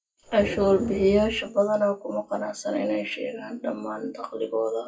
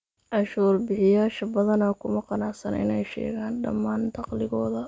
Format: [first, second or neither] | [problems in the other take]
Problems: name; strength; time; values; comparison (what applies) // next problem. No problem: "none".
second | noise reduction (classical method WPE with log-MMSE)